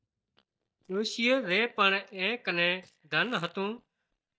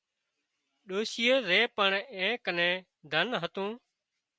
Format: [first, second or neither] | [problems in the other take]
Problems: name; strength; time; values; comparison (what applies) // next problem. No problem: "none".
second | noise reduction (neural mask model DeepFilterNet 3)